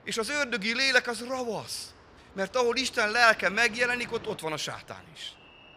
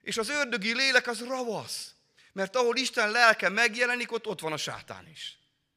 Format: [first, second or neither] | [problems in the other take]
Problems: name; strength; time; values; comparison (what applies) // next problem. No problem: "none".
second | train or aircraft noise; faint; throughout; 25 dB below the speech